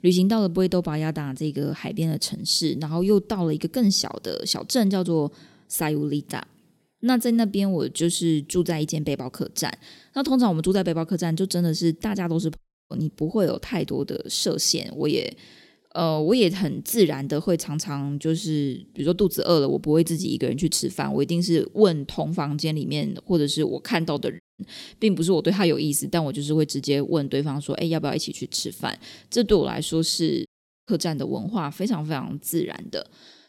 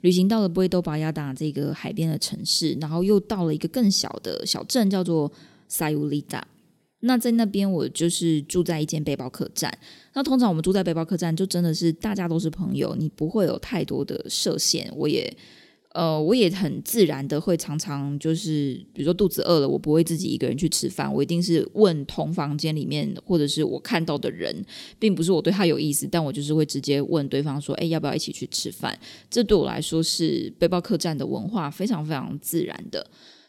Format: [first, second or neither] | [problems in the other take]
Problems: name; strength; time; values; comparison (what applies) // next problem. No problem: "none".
second | audio cutting out; at 13 s, at 24 s and at 30 s